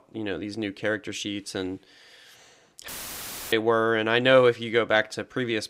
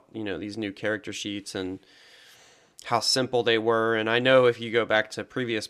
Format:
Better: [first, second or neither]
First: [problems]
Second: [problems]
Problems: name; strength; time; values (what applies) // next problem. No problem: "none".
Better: second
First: audio cutting out; filled with static; at 3 s for 0.5 s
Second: none